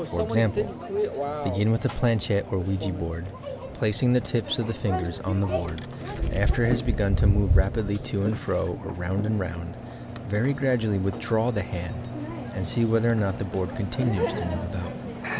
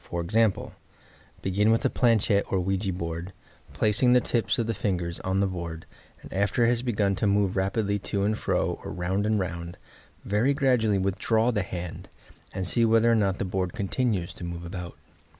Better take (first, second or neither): second